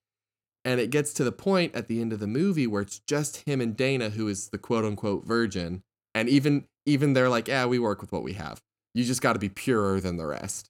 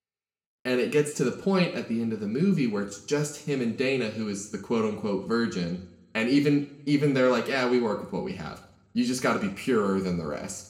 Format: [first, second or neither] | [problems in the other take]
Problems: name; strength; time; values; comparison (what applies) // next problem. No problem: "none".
first | room echo; slight; dies away in 0.6 s // off-mic speech; somewhat distant